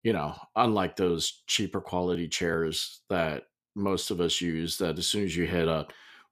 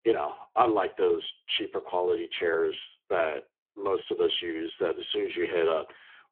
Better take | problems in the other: first | phone-call audio; poor line; nothing above 3.5 kHz

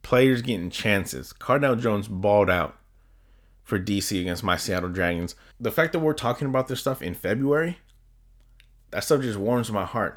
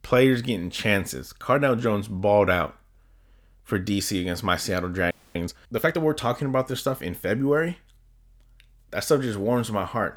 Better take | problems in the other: first | audio freezing; at 5 s

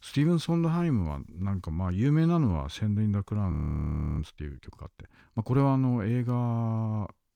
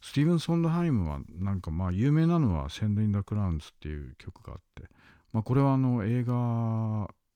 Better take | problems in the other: second | audio freezing; at 3.5 s for 0.5 s

